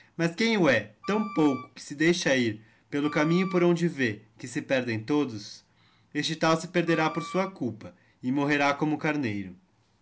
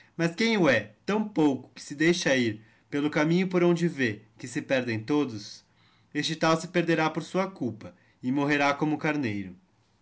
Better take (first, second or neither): second